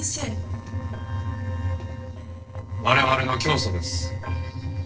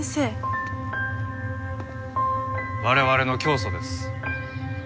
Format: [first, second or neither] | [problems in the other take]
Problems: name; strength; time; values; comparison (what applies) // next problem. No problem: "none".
second | noise reduction (neural separator model SepFormer DNS4)